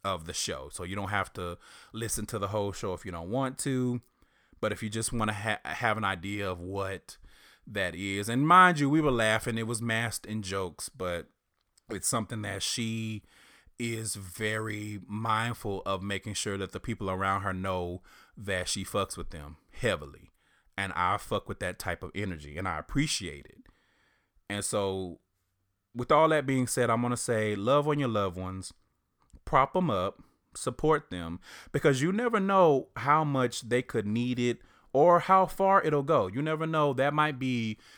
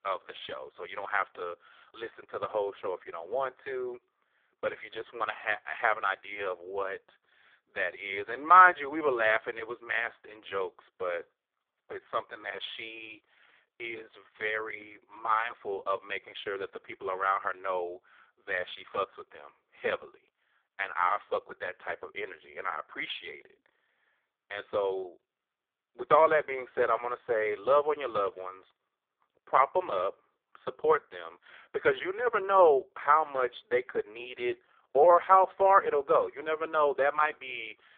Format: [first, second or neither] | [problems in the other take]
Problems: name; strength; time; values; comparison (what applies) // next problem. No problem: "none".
first | phone-call audio; poor line; nothing above 3.5 kHz